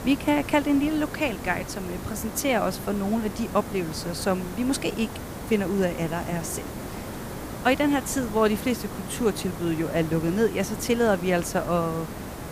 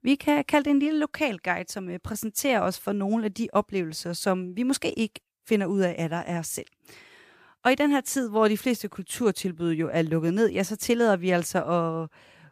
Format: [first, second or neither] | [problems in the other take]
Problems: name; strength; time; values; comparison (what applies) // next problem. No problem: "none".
second | hiss; loud; throughout; 10 dB below the speech